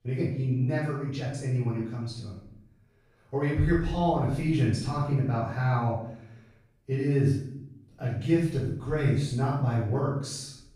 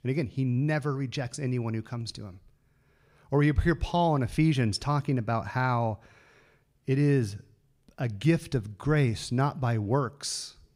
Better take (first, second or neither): second